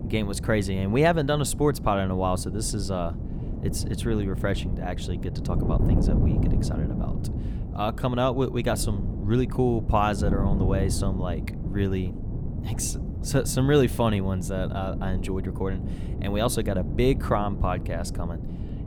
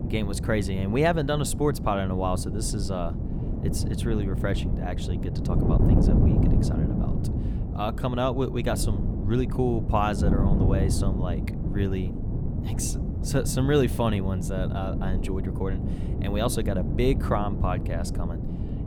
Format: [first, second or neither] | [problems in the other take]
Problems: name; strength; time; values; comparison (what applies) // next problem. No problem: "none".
first | wind noise on the microphone; heavy; 7 dB below the speech; occasional gusts in the first